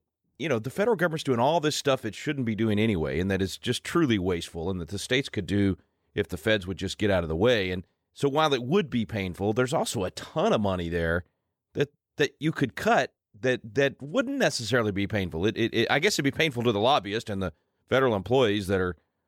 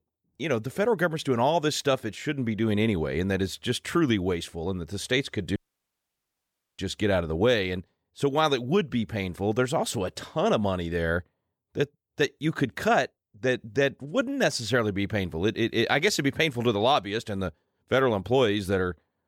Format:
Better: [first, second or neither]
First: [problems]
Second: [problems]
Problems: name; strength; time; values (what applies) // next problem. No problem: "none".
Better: first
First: none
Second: audio cutting out; at 5.5 s for 1 s